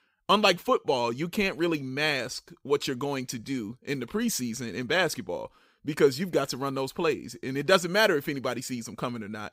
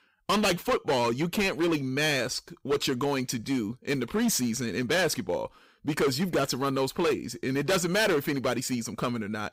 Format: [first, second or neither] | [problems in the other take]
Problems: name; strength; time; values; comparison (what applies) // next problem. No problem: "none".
first | distortion; heavy; 11% of the sound clipped